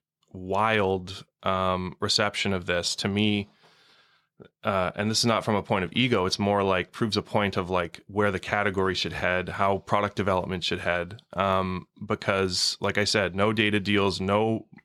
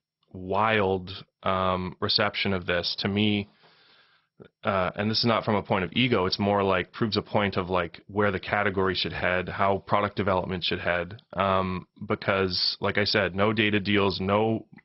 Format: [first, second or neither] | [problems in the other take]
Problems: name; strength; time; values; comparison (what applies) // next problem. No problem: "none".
first | garbled, watery; badly; nothing above 5.5 kHz